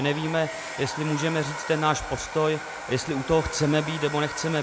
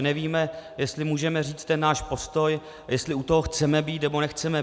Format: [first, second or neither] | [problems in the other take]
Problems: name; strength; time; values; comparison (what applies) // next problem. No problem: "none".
second | background sound (Domestic sounds, home sounds); 9 dB below the speech